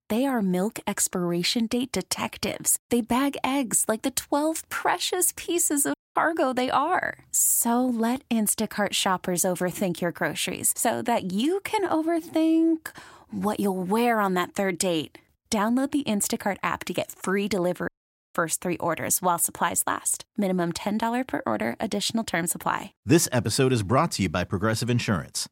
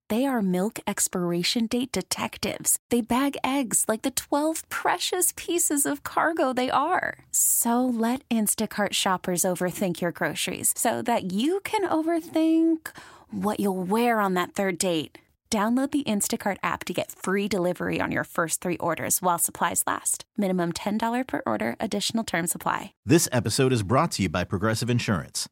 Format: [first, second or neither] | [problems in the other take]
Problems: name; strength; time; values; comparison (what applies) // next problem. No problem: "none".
second | audio cutting out; at 6 s and at 18 s